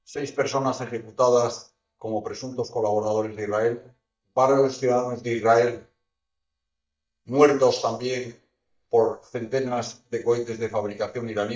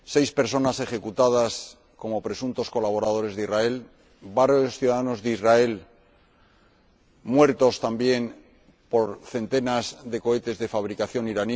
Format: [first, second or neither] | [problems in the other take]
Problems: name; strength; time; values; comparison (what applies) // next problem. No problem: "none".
second | noise reduction (neural mask model DeepFilterNet 3)